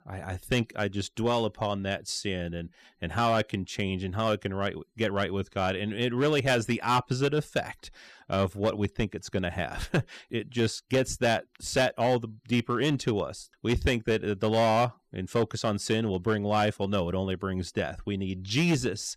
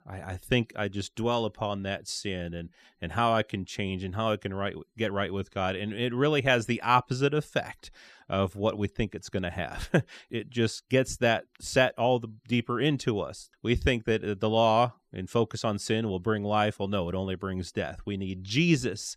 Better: second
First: distortion; slight; 5% of the sound clipped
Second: none

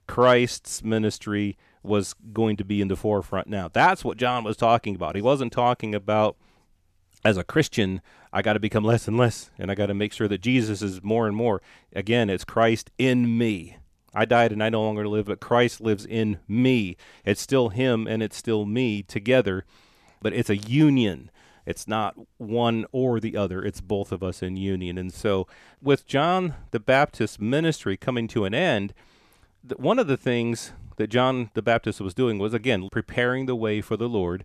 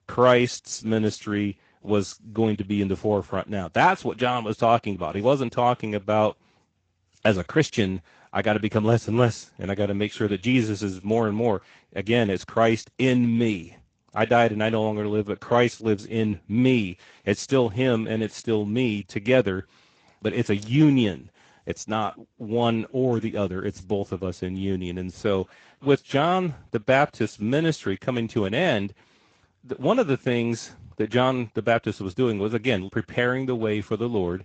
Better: first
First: none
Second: garbled, watery; slightly; nothing above 7.5 kHz

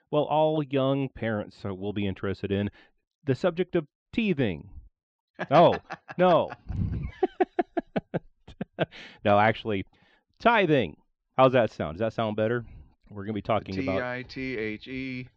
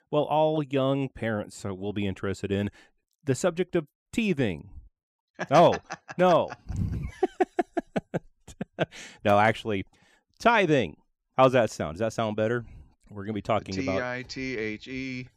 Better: second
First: muffled; very slightly; fading above 4 kHz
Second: none

